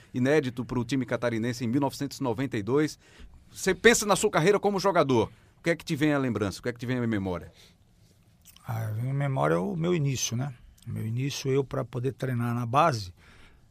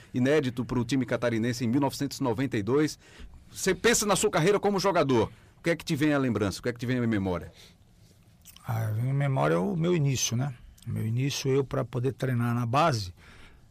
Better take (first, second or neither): first